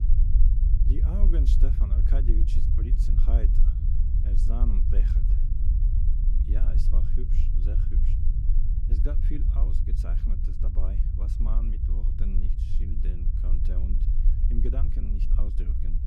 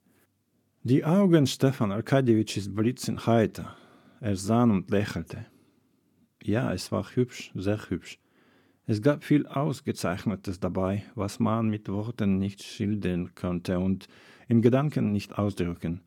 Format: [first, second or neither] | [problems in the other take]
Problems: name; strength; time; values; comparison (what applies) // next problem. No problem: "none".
second | low rumble; loud; throughout; 1 dB below the speech